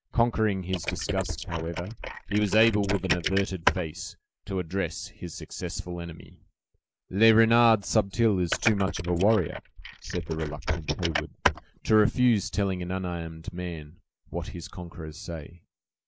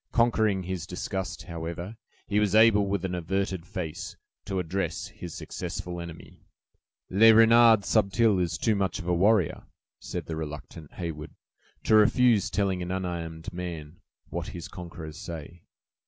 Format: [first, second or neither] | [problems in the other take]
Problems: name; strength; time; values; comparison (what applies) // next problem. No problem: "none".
second | noise reduction (neural mask model Resemble Enhance denoiser)